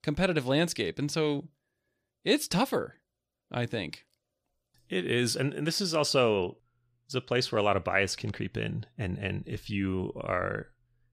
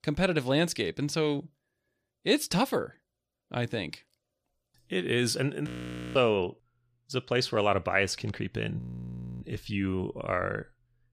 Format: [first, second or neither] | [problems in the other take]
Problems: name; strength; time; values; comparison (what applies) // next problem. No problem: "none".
first | audio freezing; at 5.5 s and at 9 s for 0.5 s